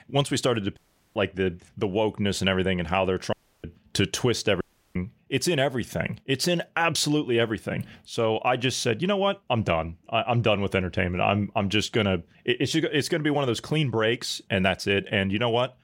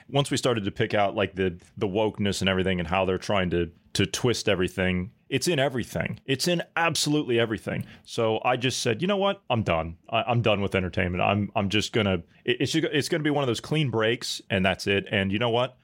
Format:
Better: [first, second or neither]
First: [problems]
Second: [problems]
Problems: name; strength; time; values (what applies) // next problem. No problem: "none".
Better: second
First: audio cutting out; at 1 s, at 3.5 s and at 4.5 s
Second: none